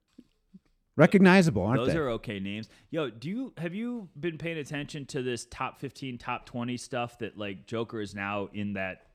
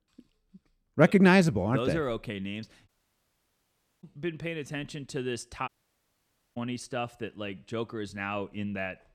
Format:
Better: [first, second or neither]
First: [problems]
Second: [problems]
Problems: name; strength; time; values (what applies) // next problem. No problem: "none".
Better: first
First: none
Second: audio cutting out; at 3 s for 1 s and at 5.5 s for 1 s